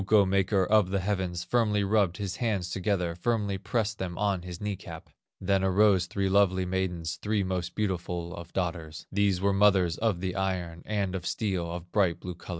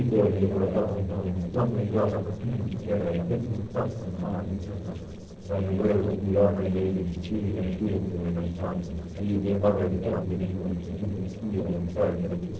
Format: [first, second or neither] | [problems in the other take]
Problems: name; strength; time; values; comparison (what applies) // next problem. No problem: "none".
first | noise reduction (neural separator model SepFormer DNS4)